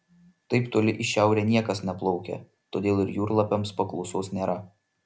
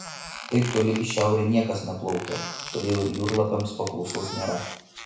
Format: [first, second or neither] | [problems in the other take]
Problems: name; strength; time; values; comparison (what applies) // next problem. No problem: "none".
first | background sound (Squeak); 12 dB below the speech // room echo; dies away in 0.6 s